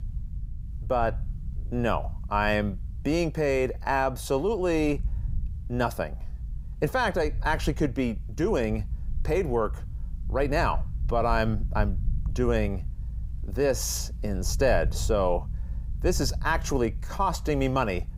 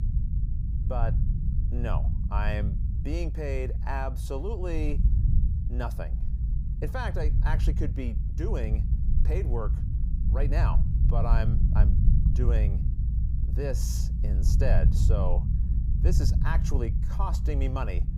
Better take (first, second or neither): first